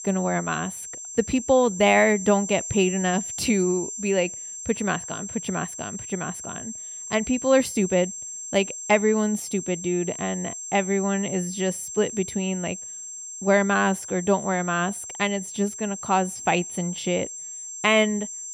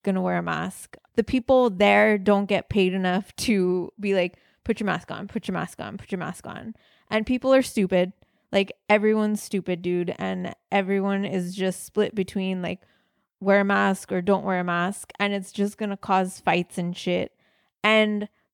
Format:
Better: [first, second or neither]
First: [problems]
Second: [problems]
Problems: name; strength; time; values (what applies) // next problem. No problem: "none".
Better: second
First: high-pitched whine; loud; throughout; 7.5 kHz, 9 dB below the speech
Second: none